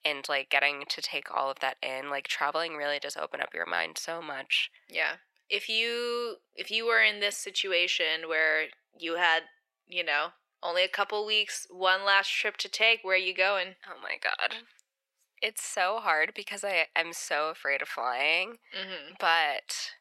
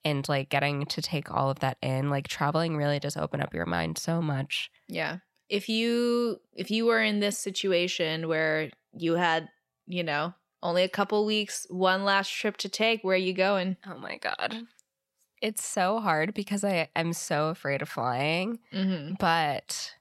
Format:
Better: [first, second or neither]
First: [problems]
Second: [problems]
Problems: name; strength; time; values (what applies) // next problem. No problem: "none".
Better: second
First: thin; very; fading below 400 Hz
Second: none